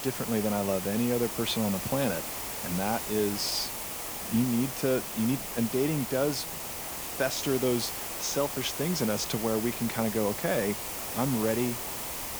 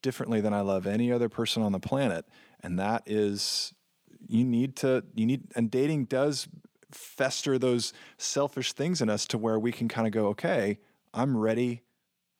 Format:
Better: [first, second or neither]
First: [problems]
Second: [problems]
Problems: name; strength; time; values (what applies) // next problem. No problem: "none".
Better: second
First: hiss; loud; throughout; 3 dB below the speech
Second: none